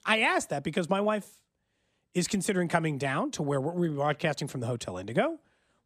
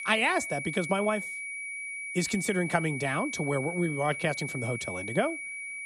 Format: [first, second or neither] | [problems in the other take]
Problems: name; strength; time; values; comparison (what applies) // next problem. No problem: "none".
first | high-pitched whine; loud; throughout; 2.5 kHz, 5 dB below the speech